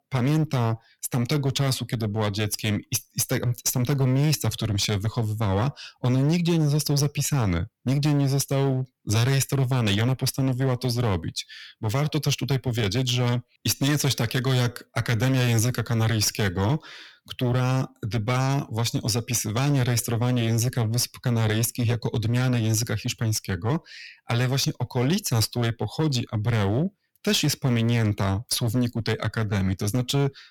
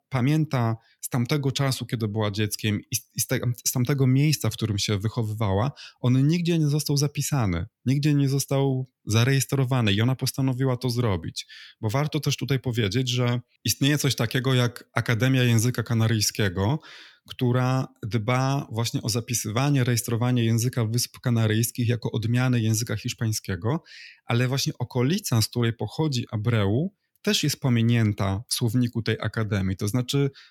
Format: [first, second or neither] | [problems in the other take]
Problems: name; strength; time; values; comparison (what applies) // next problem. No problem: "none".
second | distortion; slight; 12% of the sound clipped